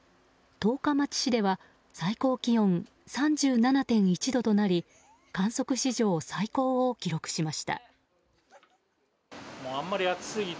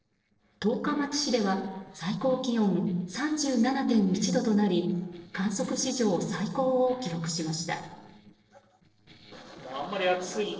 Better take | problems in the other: first | noise reduction (neural separator model SepFormer DNS4)

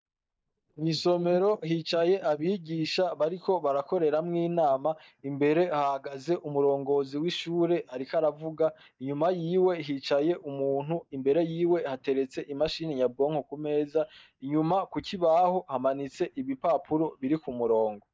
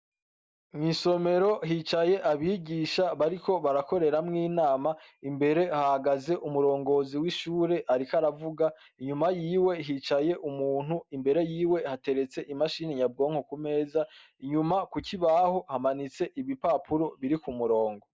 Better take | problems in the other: second | noise reduction (neural mask model DeepFilterNet 3)

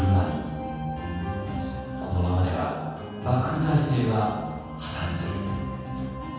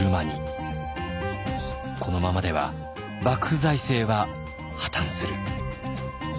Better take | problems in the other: second | room echo; dies away in 1.2 s

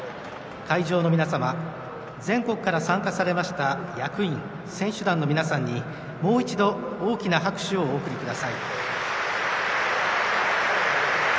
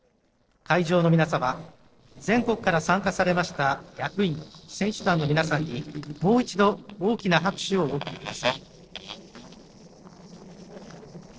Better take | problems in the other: first | noise reduction (neural separator model SepFormer DNS4)

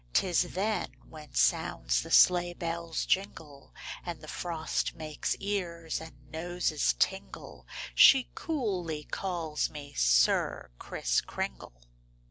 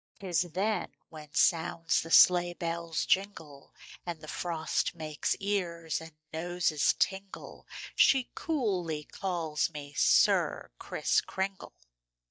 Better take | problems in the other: first | noise reduction (neural mask model DeepFilterNet 3)

